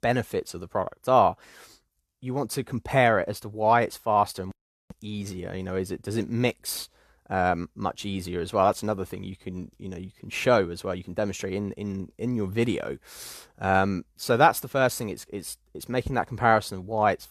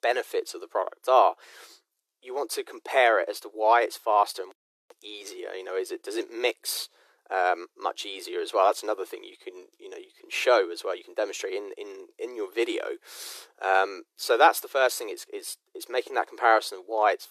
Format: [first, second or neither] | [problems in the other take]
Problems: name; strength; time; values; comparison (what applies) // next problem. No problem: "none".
first | thin; very; fading below 350 Hz